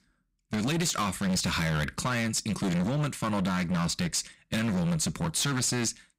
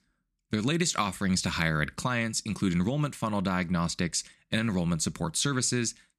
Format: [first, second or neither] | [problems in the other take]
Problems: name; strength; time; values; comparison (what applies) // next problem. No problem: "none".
second | distortion; heavy; 23% of the sound clipped